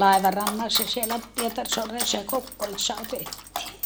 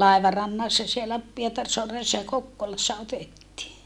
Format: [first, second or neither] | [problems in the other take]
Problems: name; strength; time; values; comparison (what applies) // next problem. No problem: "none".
second | background sound (Dog); 7 dB below the speech